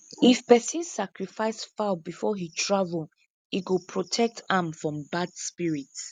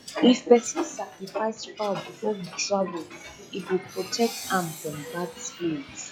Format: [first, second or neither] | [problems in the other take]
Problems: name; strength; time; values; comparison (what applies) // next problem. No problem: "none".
first | noise reduction (classical method log-MMSE)